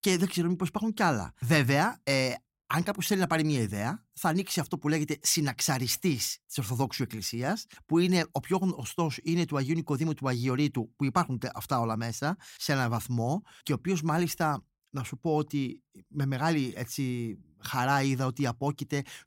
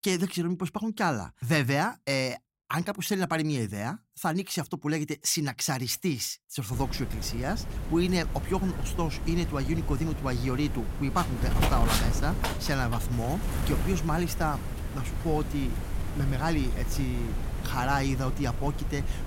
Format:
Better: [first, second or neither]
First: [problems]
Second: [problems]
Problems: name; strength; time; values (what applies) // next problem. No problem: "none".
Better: first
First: none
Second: wind noise on the microphone; heavy; from 6.5 s on; 7 dB below the speech